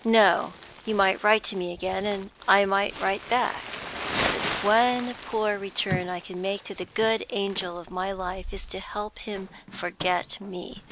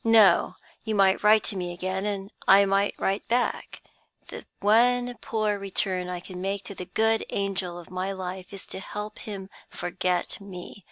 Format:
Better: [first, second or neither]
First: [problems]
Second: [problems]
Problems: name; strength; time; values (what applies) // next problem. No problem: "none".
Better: second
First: background sound (Crumpling, crinkling); 10 dB below the speech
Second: none